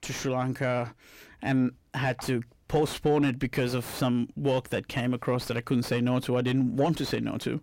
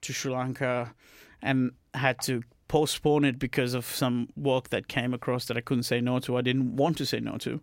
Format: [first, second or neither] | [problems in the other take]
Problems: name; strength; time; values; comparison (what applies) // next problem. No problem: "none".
second | distortion; slight; 10 dB below the speech